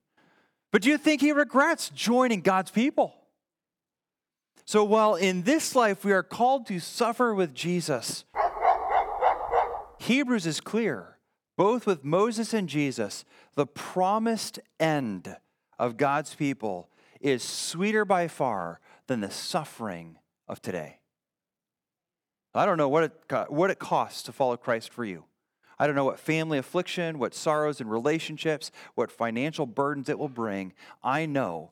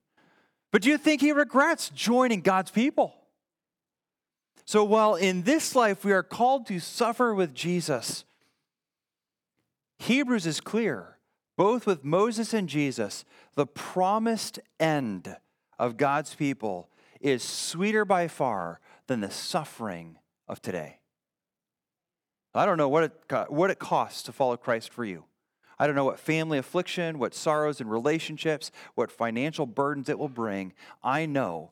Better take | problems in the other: second | dog barking; loud; from 8.5 to 10 s; peak 3 dB above the speech

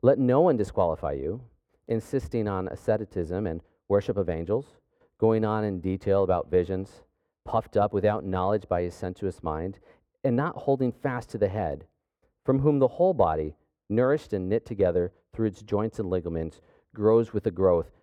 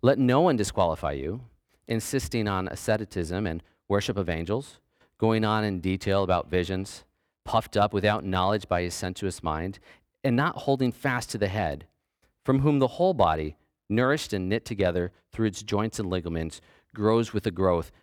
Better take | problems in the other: second | muffled; very; fading above 2 kHz

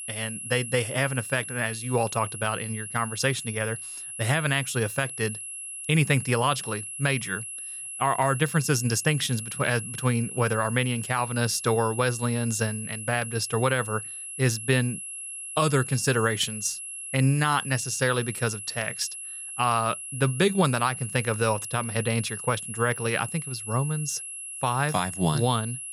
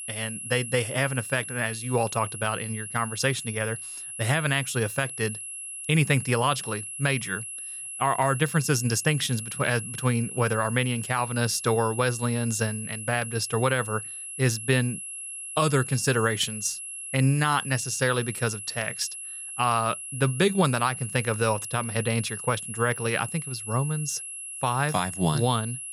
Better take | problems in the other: neither | high-pitched whine; loud; throughout; 11 kHz, 8 dB below the speech; the same in both

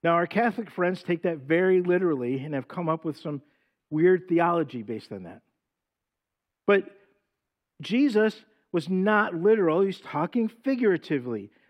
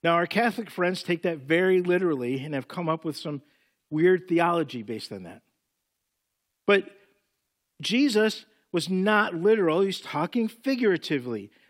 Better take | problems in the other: second | muffled; slightly; fading above 3 kHz

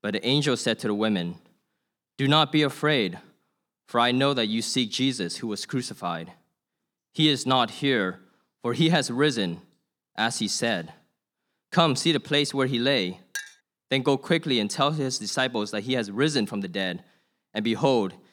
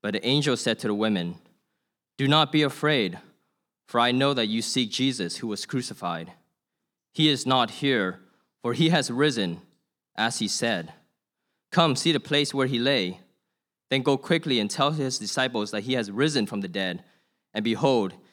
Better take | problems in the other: second | clattering dishes; faint; at 13 s; peak 10 dB below the speech

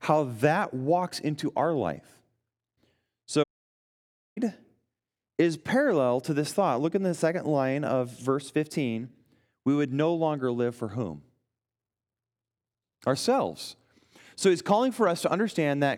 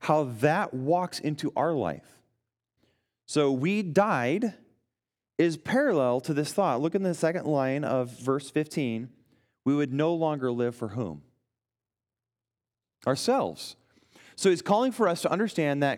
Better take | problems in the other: second | audio cutting out; at 3.5 s for 1 s

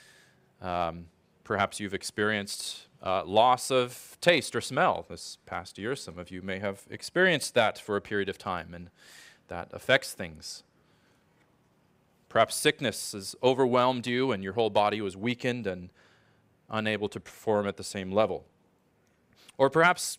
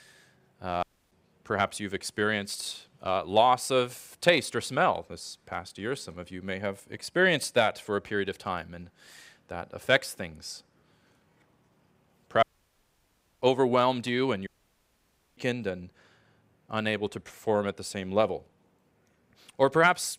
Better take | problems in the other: first | audio cutting out; at 1 s, at 12 s for 1 s and at 14 s for 1 s

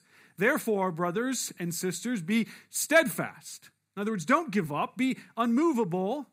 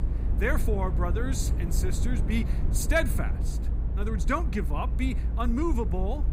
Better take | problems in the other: first | low rumble; noticeable; throughout; 10 dB below the speech

